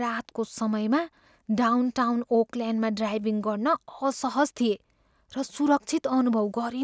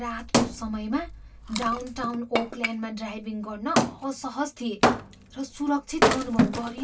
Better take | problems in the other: first | background sound (Wood); 3 dB above the speech // room echo; dies away in 0.1 s

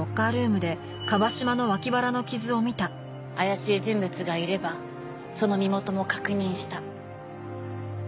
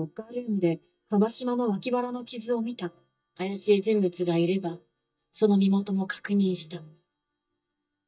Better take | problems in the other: first | noise reduction (neural mask model DeepFilterNet 3)

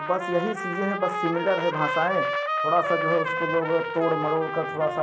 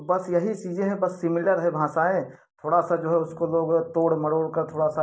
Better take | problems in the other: second | background sound (Trumpet); 2 dB below the speech

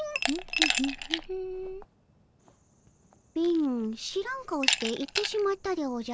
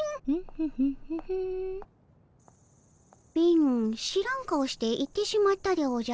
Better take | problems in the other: second | background sound (Glass); 3 dB below the speech

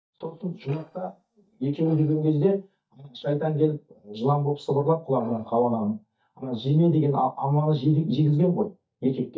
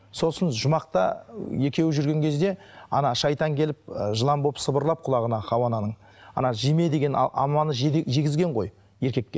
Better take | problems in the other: second | noise reduction (neural mask model DeepFilterNet 3)

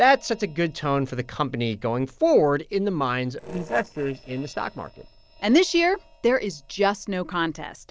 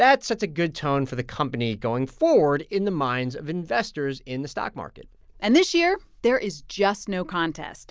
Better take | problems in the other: second | noise reduction (neural separator model SepFormer DNS4)

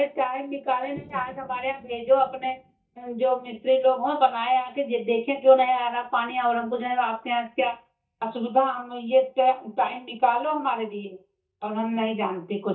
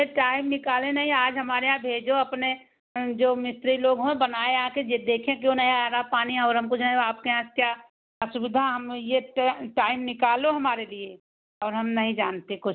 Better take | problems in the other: second | noise reduction (neural mask model DeepFilterNet 3)

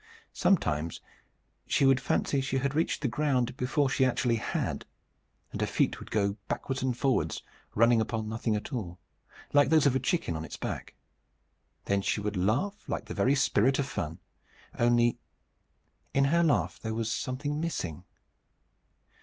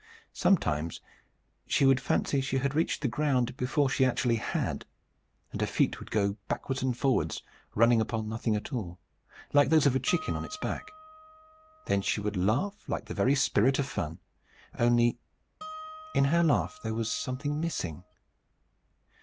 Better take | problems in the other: first | background sound (Harp); 18 dB below the speech

